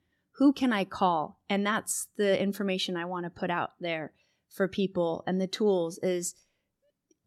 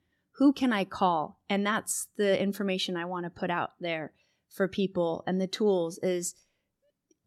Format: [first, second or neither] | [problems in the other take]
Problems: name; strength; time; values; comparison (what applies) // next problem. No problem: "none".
neither | none